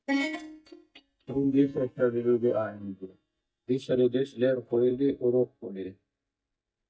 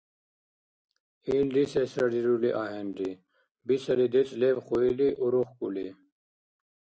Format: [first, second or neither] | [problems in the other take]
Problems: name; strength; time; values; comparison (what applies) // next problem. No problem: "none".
second | noise reduction (neural mask model DeepFilterNet 3)